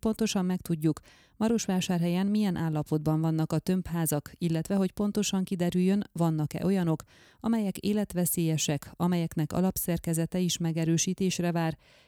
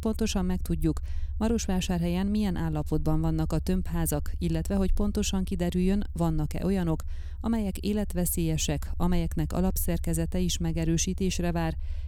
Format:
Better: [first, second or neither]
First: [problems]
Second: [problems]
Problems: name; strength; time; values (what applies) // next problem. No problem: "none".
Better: first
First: none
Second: low rumble; faint; throughout; 25 dB below the speech